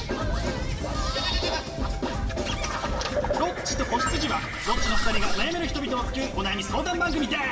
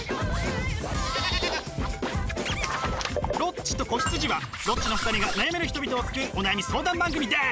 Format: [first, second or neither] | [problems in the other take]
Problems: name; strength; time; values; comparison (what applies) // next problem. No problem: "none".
second | background sound (Livestock, farm animals, working animals); 11 dB below the speech // room echo; dies away in 2.2 s